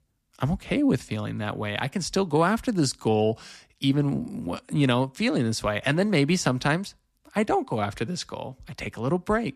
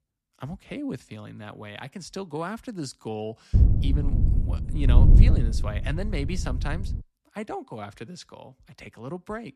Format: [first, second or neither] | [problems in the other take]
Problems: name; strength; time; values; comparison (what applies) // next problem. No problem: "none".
first | wind noise on the microphone; heavy; from 3.5 to 7 s; 2 dB below the speech